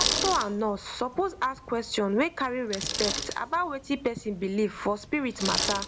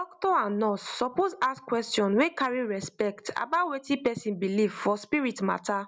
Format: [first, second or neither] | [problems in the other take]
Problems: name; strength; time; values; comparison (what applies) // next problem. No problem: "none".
second | background sound (Bicycle); 5 dB below the speech